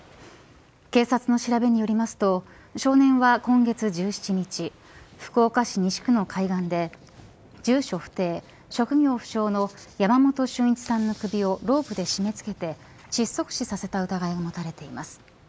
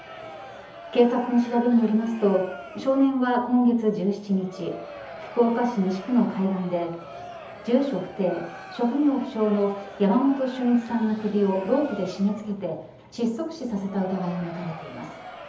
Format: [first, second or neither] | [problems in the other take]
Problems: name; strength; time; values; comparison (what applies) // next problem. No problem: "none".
first | background sound (Crowd); 17 dB below the speech // room echo; dies away in 0.7 s